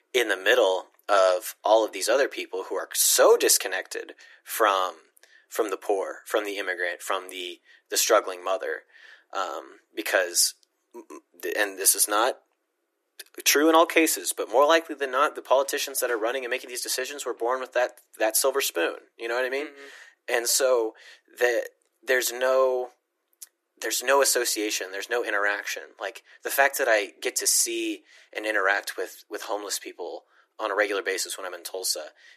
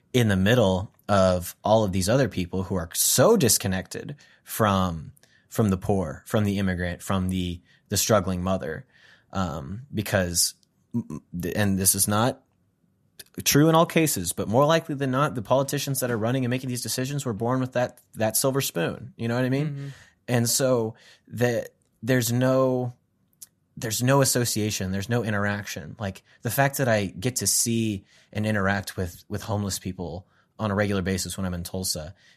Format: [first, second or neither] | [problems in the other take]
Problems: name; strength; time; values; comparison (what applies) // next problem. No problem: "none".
second | thin; very; fading below 300 Hz